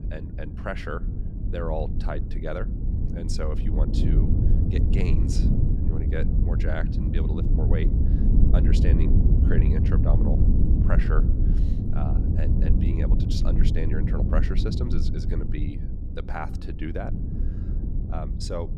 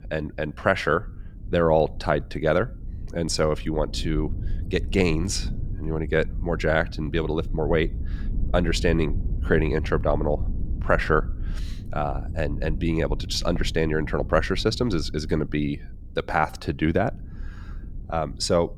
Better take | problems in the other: second | low rumble; loud; throughout; 1 dB below the speech; faint in the second

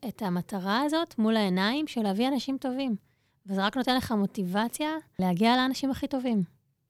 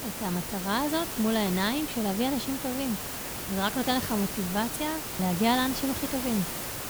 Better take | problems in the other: first | hiss; loud; throughout; 3 dB below the speech

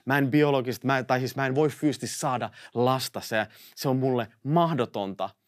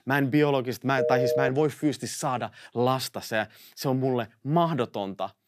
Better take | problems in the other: first | phone ringing; loud; at 1 s; peak 2 dB above the speech

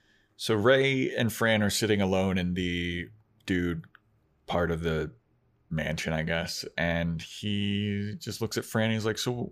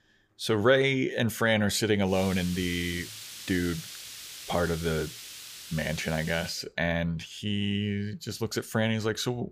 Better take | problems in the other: first | hiss; noticeable; from 2 to 6.5 s; 10 dB below the speech

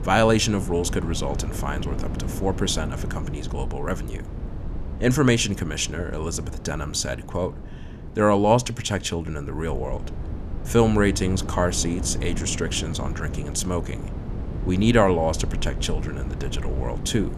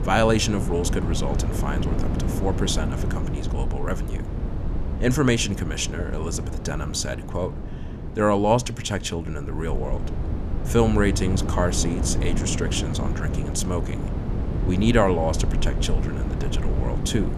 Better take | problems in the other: first | wind noise on the microphone; heavy; 10 dB below the speech; occasional gusts in the first

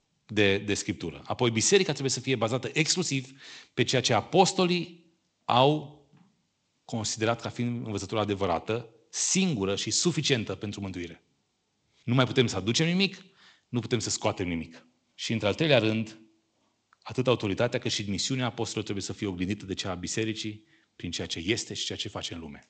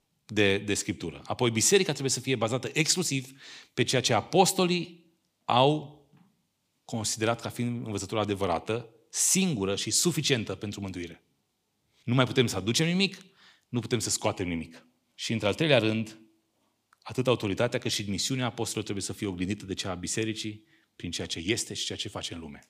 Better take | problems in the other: second | garbled, watery; slightly; nothing above 8 kHz

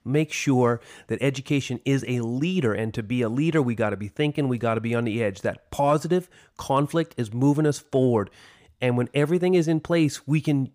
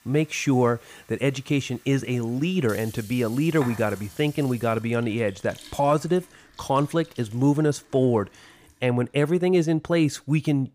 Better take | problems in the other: first | household noises; faint; throughout; 20 dB below the speech

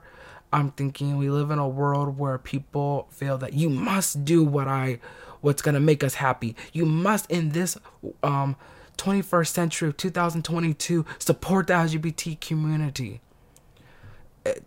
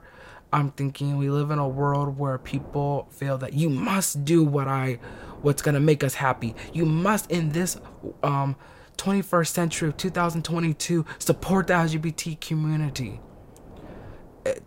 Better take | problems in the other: first | wind noise on the microphone; occasional gusts; 20 dB below the speech

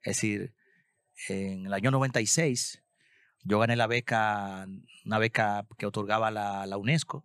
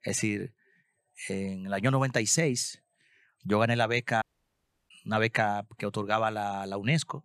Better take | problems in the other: first | audio cutting out; at 4 s for 0.5 s

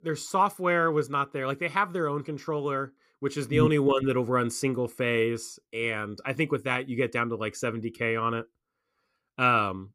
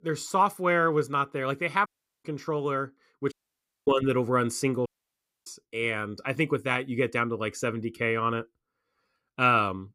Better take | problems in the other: first | audio cutting out; at 2 s, at 3.5 s for 0.5 s and at 5 s for 0.5 s

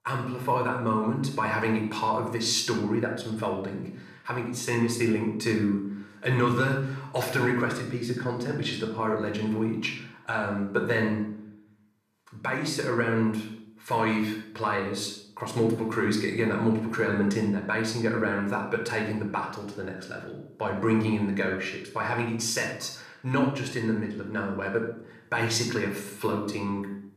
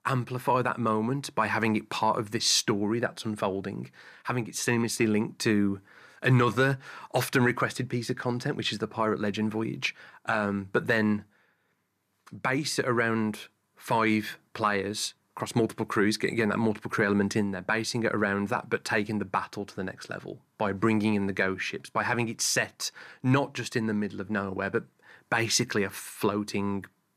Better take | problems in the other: second | off-mic speech; somewhat distant // room echo; noticeable; dies away in 0.6 s

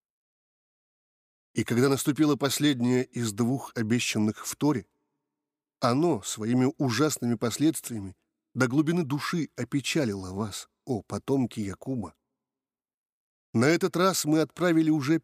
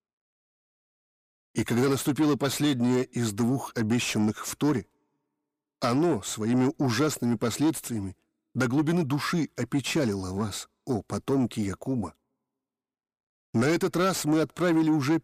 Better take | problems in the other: first | distortion; slight; 10 dB below the speech

